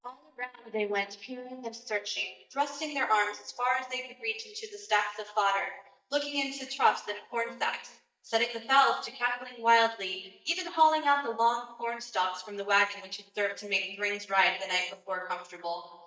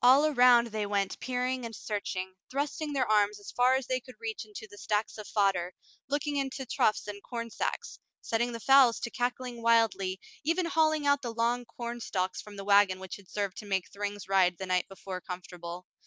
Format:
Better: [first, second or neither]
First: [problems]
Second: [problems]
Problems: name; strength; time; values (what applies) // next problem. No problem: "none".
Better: second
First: noise reduction (neural mask model DeepFilterNet 3)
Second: none